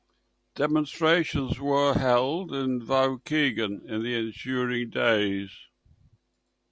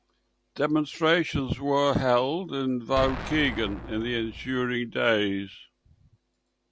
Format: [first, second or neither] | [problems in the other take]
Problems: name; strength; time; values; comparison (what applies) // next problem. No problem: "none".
first | background sound (Explosion); 11 dB below the speech